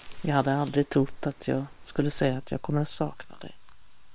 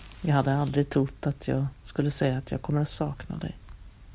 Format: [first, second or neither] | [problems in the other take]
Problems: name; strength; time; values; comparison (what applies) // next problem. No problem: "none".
second | noise reduction (neural separator model SepFormer WHAM!)